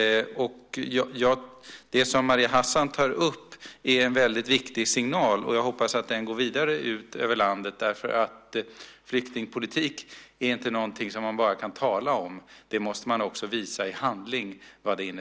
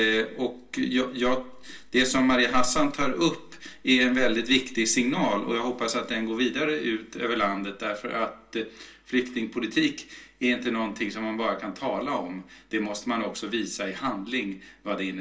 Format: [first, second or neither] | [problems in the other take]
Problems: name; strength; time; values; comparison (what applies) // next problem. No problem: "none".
first | room echo; dies away in 0.2 s